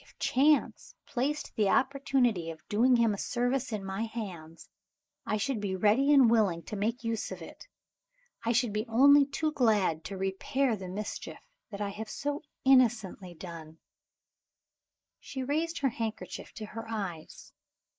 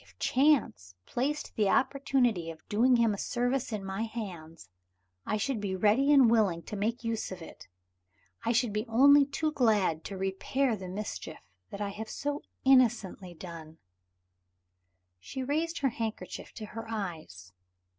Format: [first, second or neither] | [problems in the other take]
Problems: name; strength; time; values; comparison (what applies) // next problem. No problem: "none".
second | noise reduction (neural mask model Resemble Enhance denoiser)